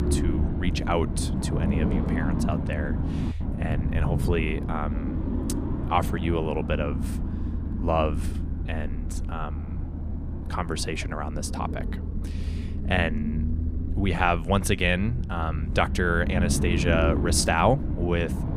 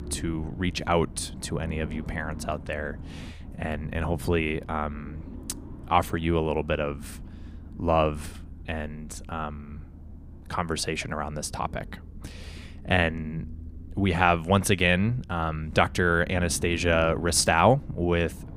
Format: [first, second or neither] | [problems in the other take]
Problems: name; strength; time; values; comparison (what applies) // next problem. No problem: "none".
second | low rumble; loud; throughout; 10 dB below the speech; faint in the second